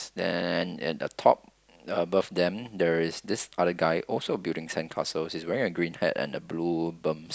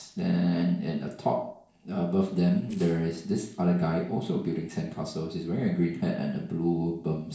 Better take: first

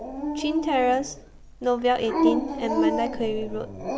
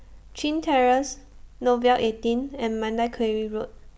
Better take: second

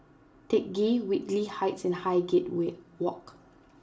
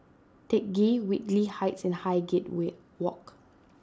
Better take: second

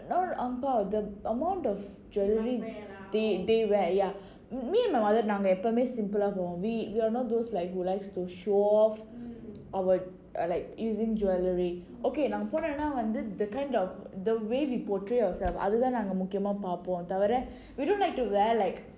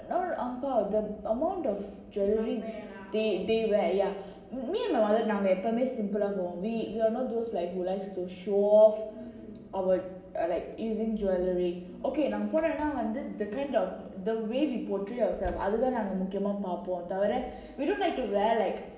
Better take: first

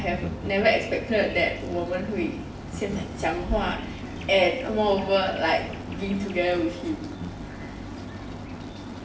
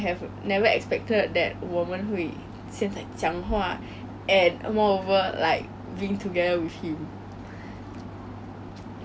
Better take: second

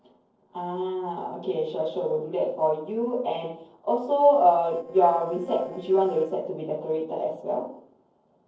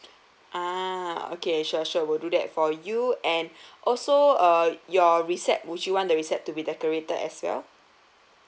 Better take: second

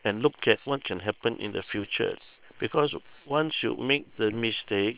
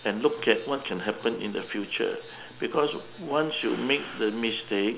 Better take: second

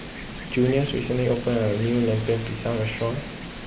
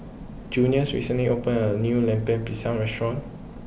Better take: second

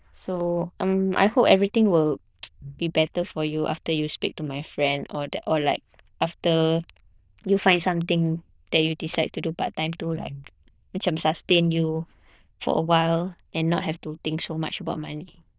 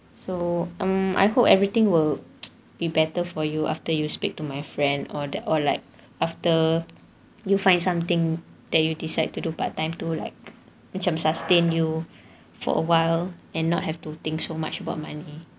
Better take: second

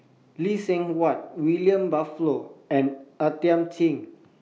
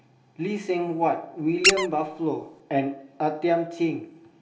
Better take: first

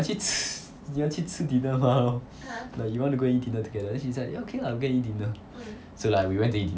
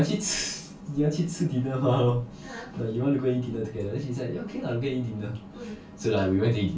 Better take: first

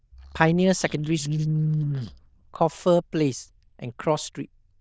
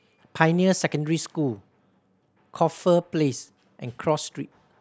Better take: second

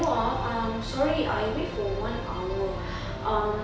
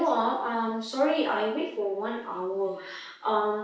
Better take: first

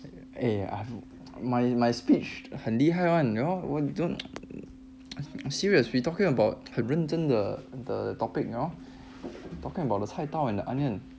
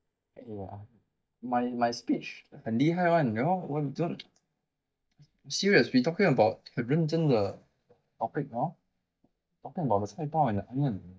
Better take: first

